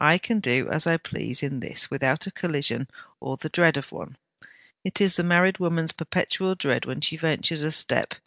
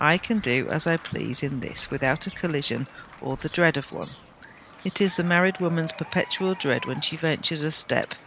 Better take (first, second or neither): first